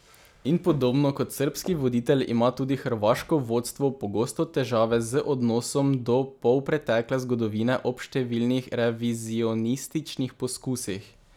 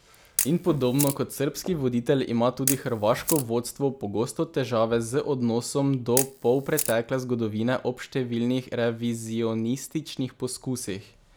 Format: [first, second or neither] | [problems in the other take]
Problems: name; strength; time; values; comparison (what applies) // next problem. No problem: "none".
first | background sound (Camera); 8 dB below the speech